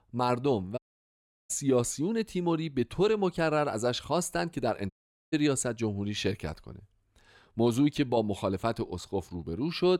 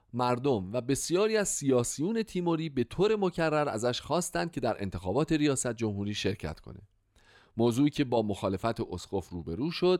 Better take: second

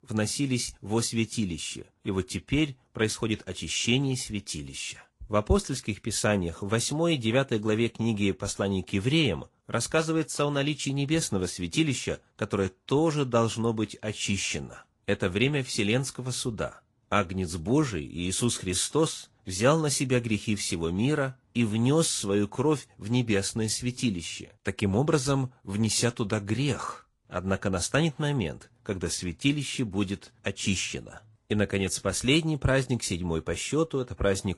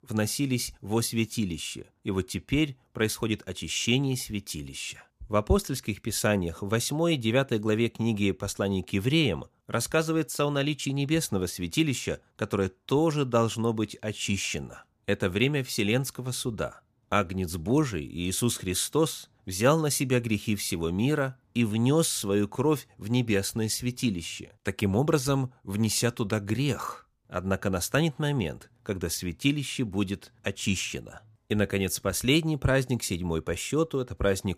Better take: second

